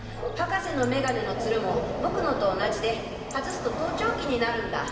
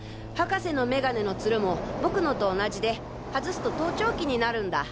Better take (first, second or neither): second